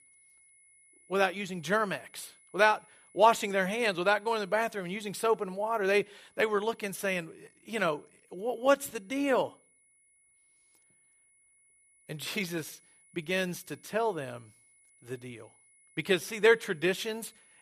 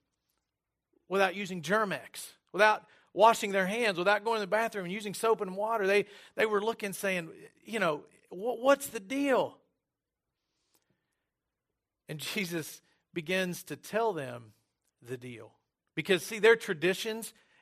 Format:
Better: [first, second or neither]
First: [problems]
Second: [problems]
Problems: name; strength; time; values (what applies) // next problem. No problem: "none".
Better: second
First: high-pitched whine; faint; throughout; 10 kHz, 30 dB below the speech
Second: none